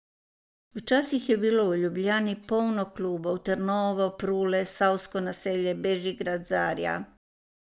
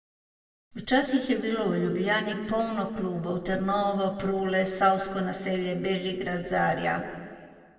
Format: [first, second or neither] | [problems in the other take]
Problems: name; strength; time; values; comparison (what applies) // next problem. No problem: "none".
first | room echo; dies away in 1.9 s